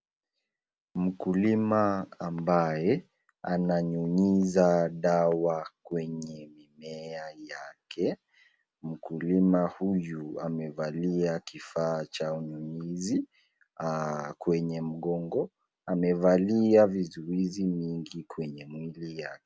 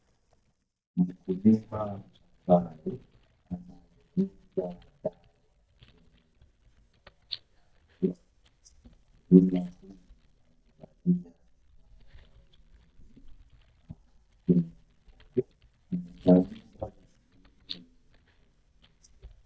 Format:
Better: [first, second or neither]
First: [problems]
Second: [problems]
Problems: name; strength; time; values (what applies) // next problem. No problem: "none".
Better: first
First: none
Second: noise reduction (neural mask model DeepFilterNet 3)